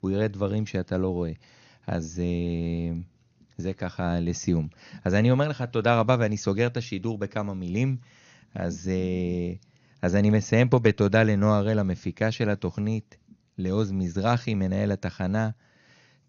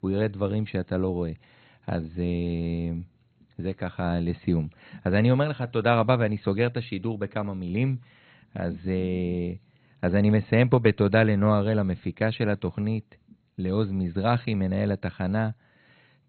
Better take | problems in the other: first | garbled, watery; badly; nothing above 4 kHz; slightly in the first

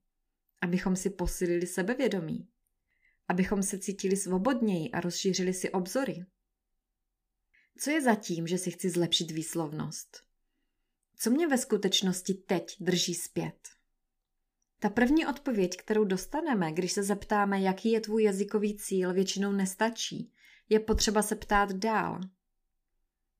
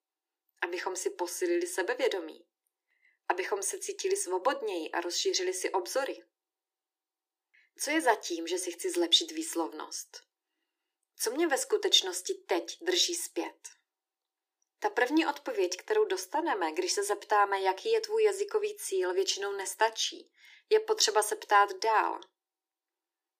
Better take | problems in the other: first | thin; very; fading below 300 Hz

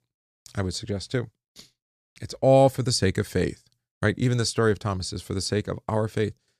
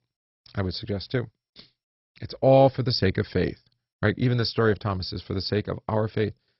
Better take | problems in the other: first | garbled, watery; badly; nothing above 5.5 kHz

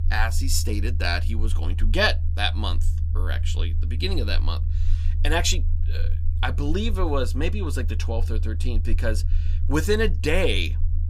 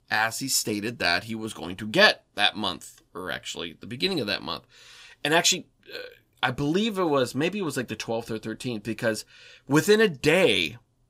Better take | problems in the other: second | low rumble; noticeable; throughout; 15 dB below the speech

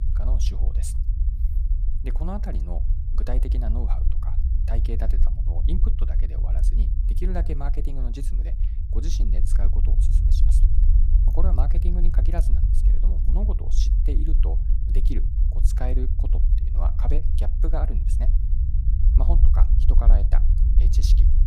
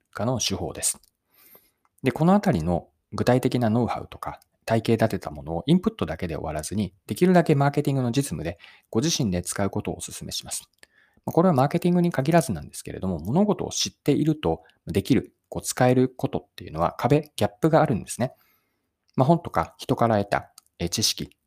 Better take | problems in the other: second | low rumble; loud; throughout; 4 dB below the speech

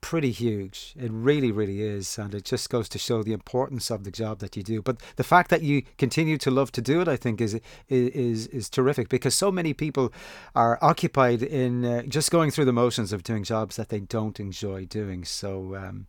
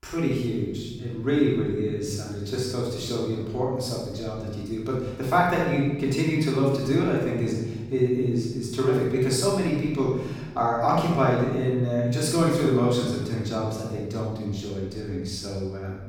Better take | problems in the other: first | off-mic speech; far // room echo; strong; dies away in 1.4 s

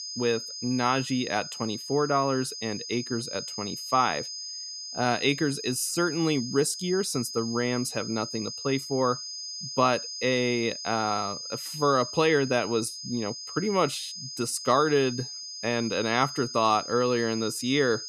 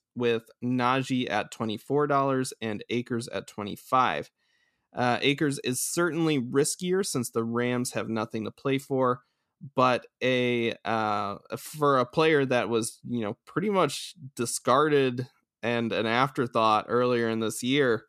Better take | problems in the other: second | high-pitched whine; loud; throughout; 5 kHz, 8 dB below the speech

